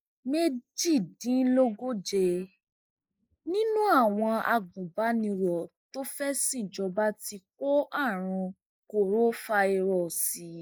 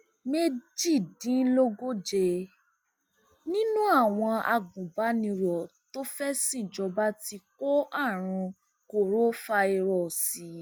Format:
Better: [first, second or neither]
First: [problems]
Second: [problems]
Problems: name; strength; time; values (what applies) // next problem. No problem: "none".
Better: second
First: noise reduction (neural mask model Resemble Enhance denoiser)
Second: none